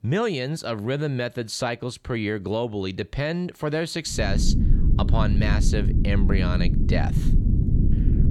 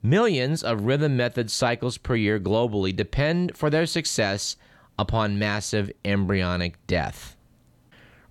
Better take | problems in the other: second | low rumble; loud; from 4 s on; 6 dB below the speech

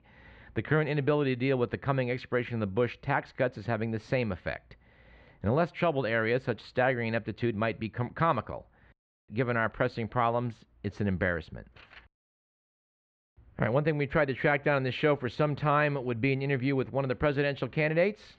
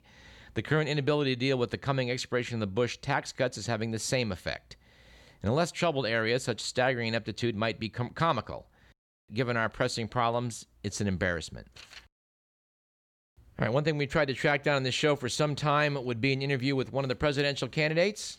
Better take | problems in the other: second | muffled; very; fading above 2.5 kHz

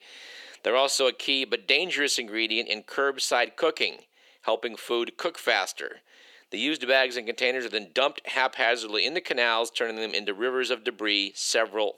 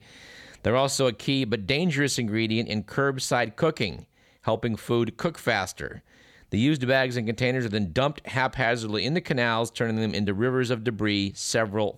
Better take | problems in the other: second | thin; somewhat; fading below 350 Hz

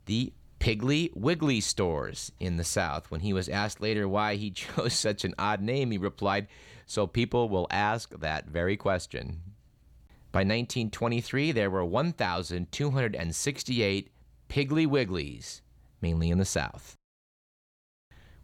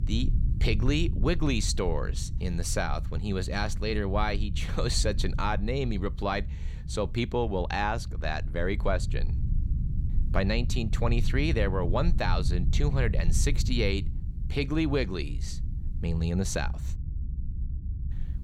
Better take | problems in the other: first | low rumble; noticeable; throughout; 15 dB below the speech

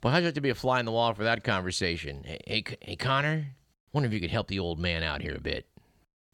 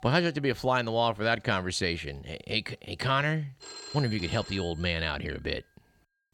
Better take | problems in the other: first | alarms or sirens; noticeable; throughout; 15 dB below the speech

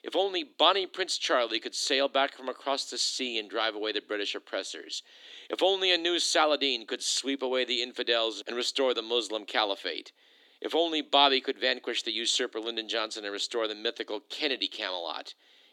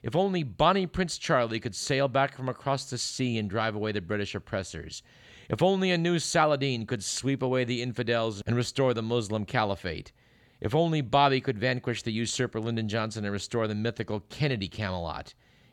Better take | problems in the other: second | thin; somewhat; fading below 300 Hz

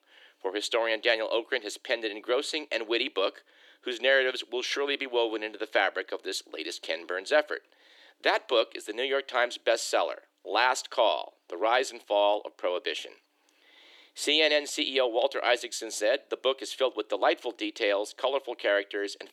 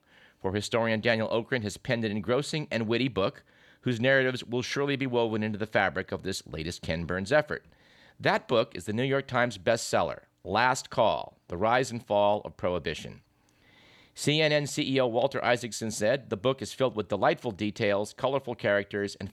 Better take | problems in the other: second | thin; very; fading below 300 Hz

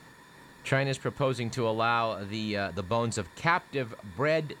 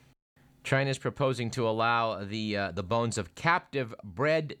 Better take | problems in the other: second | hiss; faint; throughout; 25 dB below the speech

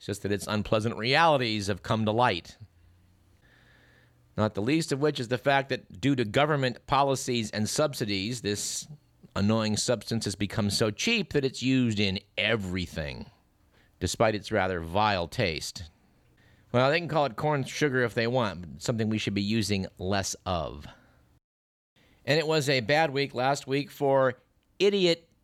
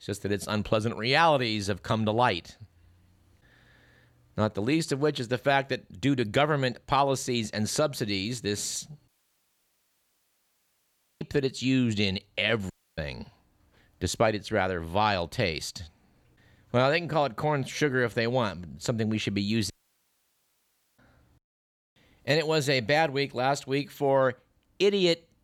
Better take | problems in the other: first | audio cutting out; at 9 s for 2 s, at 13 s and at 20 s for 1.5 s

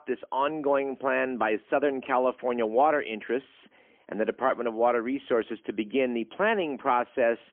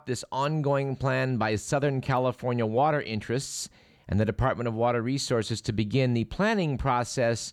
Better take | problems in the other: second | phone-call audio; poor line; nothing above 3 kHz

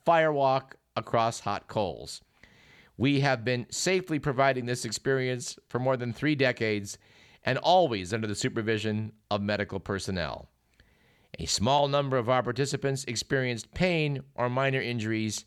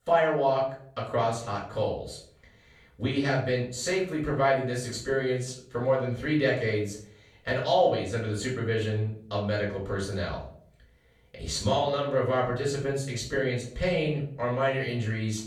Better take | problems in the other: first | off-mic speech; far // room echo; slight; dies away in 0.4 s

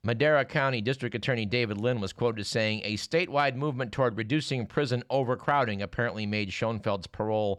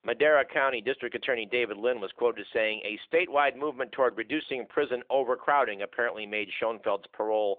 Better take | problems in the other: first | phone-call audio

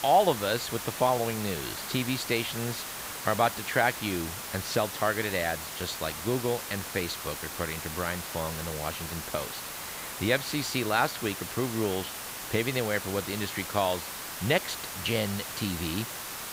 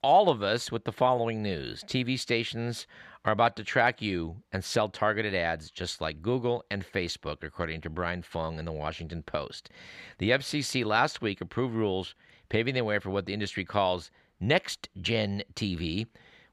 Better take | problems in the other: second | hiss; loud; throughout; 5 dB below the speech

